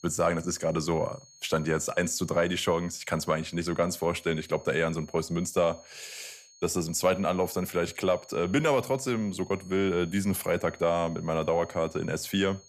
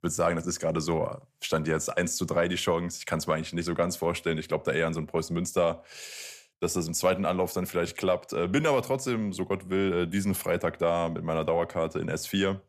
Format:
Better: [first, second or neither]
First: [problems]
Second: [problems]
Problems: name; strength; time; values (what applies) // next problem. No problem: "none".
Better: second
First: high-pitched whine; faint; throughout; 6.5 kHz, 25 dB below the speech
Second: none